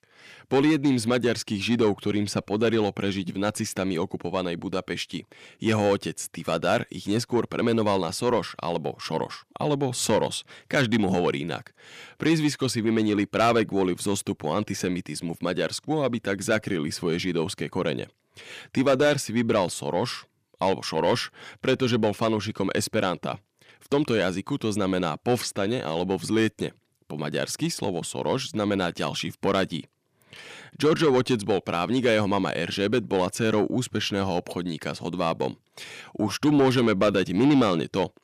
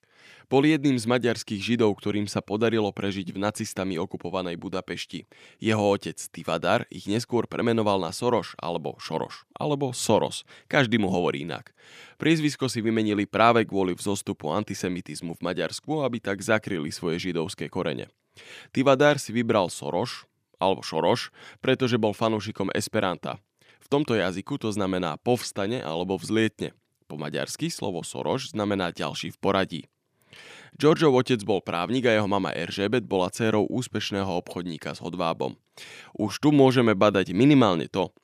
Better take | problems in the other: second | distortion; slight; 10 dB below the speech

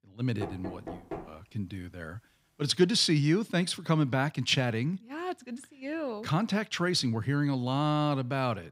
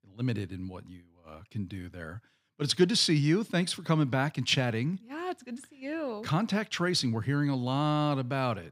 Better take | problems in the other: second | door banging; faint; at 0.5 s; peak 10 dB below the speech

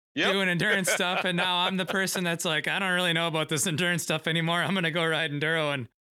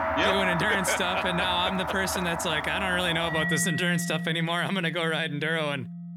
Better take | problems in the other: first | background music; loud; throughout; 5 dB below the speech

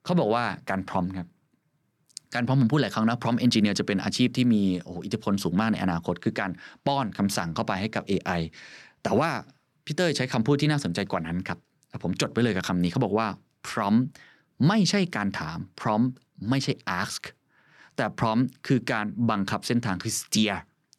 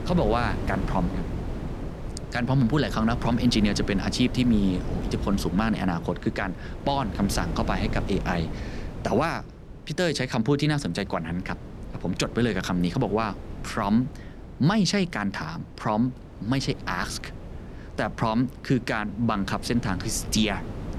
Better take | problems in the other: first | wind noise on the microphone; occasional gusts; 15 dB below the speech

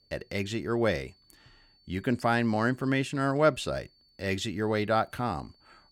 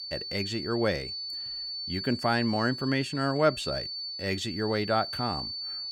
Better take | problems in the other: first | high-pitched whine; loud; throughout; 4.5 kHz, 5 dB below the speech; faint in the first

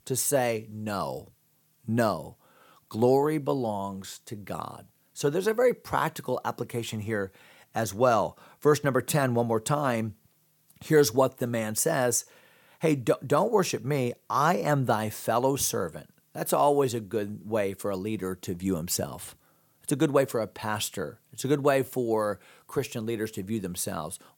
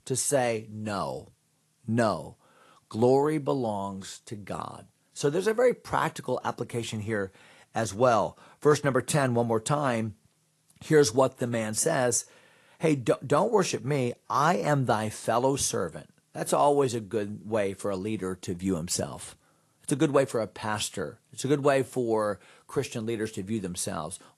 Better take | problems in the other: first | garbled, watery; slightly; nothing above 11.5 kHz

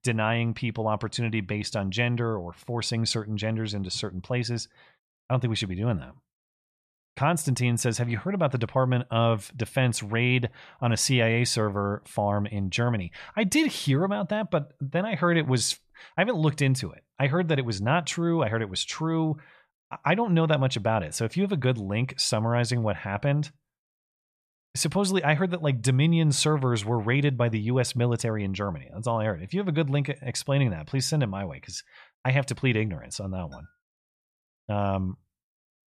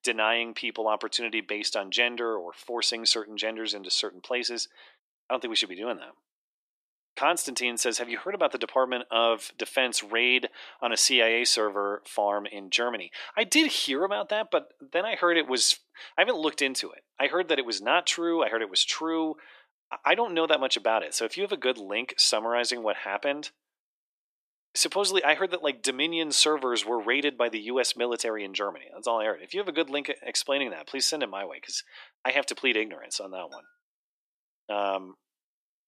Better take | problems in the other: first | thin; very; fading below 300 Hz

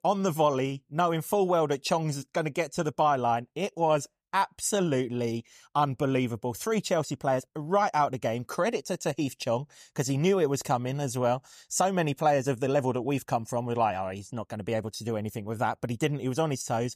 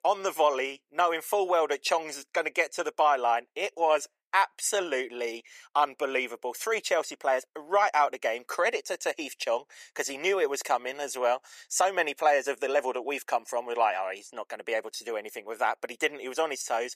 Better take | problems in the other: first | thin; very; fading below 400 Hz

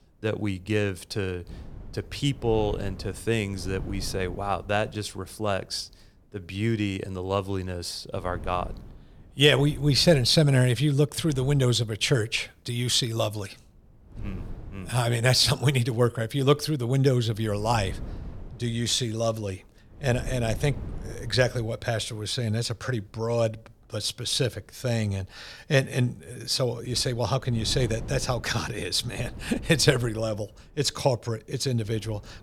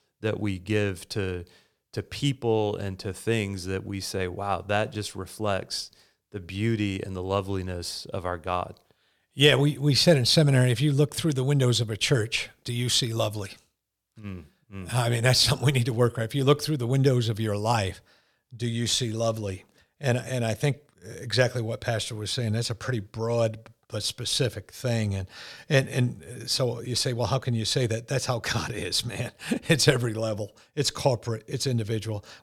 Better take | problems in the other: second | wind noise on the microphone; occasional gusts; 25 dB below the speech

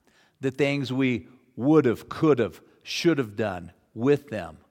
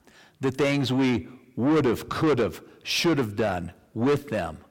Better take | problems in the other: first | distortion; heavy; 7 dB below the speech

